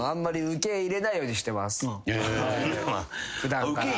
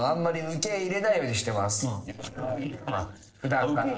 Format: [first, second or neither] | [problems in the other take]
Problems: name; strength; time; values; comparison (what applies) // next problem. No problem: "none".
first | noise reduction (neural separator model SepFormer DNS4)